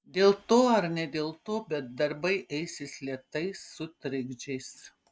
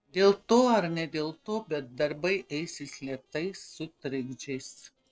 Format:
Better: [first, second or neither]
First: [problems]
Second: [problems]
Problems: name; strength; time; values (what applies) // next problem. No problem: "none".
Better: first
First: none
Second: noise reduction (neural separator model SepFormer DNS4)